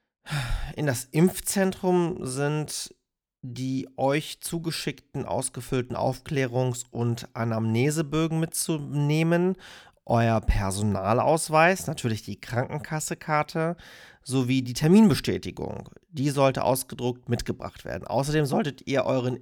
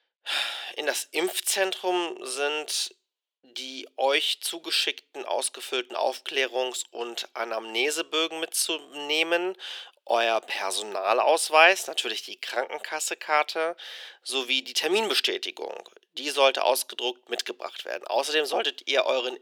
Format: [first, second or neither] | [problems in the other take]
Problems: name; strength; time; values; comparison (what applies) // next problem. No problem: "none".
first | thin; very; fading below 400 Hz